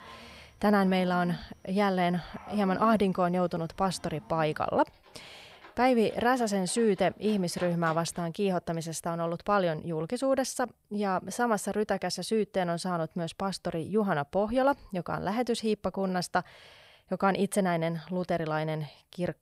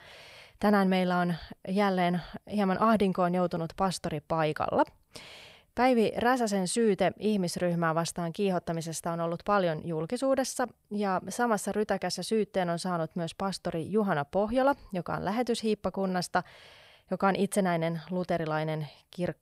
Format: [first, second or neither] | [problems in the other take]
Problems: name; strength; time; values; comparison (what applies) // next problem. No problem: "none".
second | animal sounds; faint; until 8 s; 20 dB below the speech